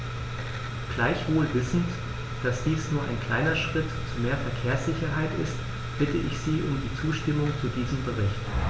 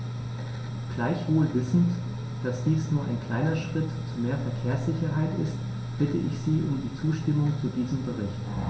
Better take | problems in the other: first | room echo; dies away in 0.3 s

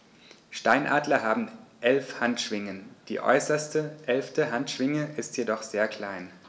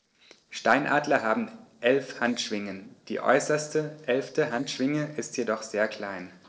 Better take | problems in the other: first | noise reduction (neural separator model SepFormer DNS4)

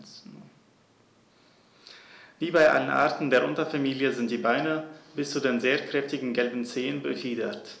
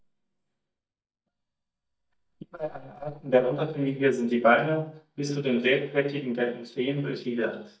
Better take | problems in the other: first | noise reduction (neural mask model DeepFilterNet 3)

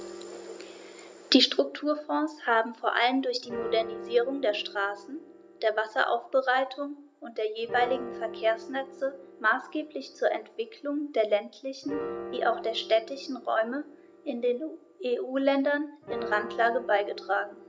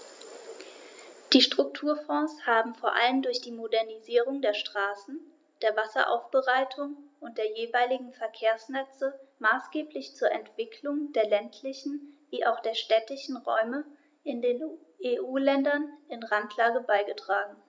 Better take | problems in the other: second | background sound (Piano); 13 dB below the speech

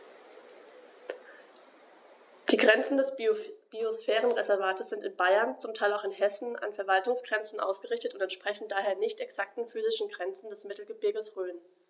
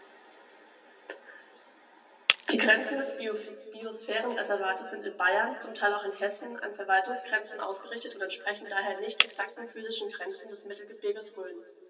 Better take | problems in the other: first | background sound (Shatter); 5 dB below the speech // room echo; dies away in 1.9 s

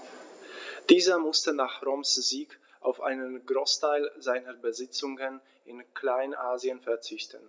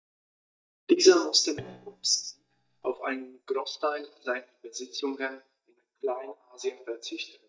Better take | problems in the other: first | noise reduction (neural mask model DeepFilterNet 3)

